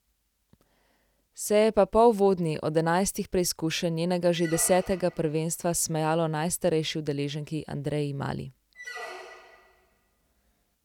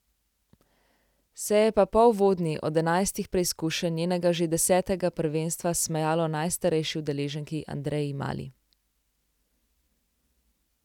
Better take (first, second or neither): second